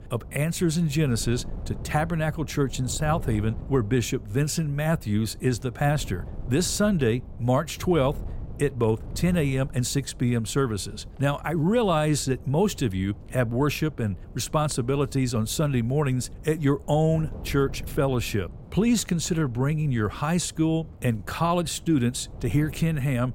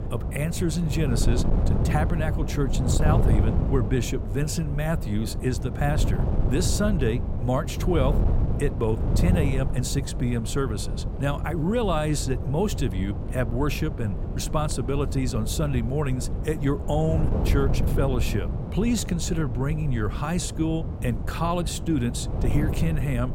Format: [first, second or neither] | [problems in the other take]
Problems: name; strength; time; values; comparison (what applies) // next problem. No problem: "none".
first | wind noise on the microphone; heavy; 7 dB below the speech; occasional gusts in the first